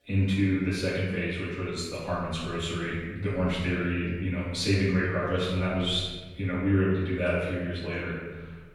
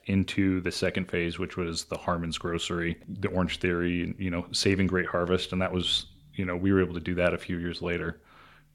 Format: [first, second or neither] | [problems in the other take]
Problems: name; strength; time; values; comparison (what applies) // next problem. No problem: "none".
second | off-mic speech; far // room echo; noticeable; dies away in 1.2 s